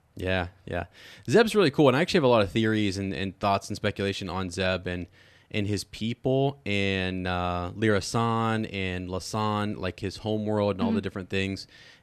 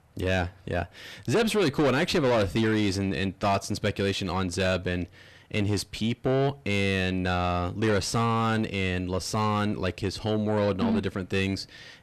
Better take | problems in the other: first | distortion; heavy; 8 dB below the speech

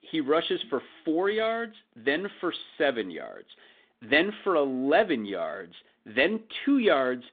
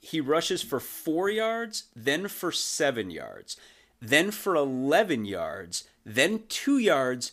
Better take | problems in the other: second | phone-call audio; nothing above 3.5 kHz

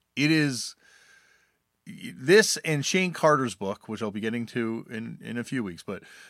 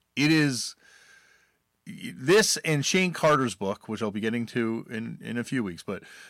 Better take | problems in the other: first | distortion; slight; 1.9% of the sound clipped

